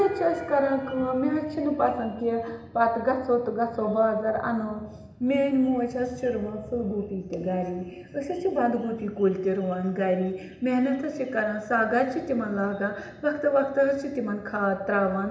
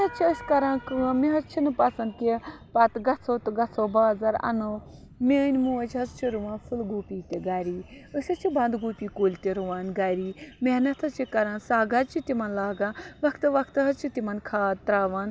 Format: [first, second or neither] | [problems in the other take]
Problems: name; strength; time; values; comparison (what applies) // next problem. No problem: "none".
second | room echo; dies away in 0.8 s